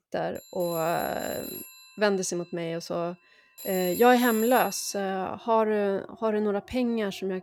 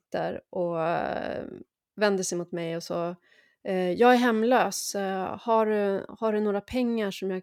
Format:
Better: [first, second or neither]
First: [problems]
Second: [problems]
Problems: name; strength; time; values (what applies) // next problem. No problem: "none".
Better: second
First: alarms or sirens; noticeable; throughout; 10 dB below the speech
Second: none